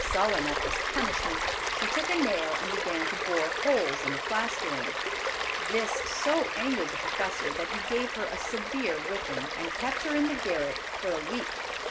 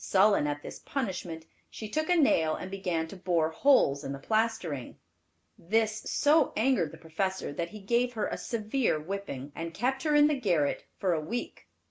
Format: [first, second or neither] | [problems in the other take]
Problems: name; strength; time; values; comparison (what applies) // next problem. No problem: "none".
second | background sound (Stream); 1 dB above the speech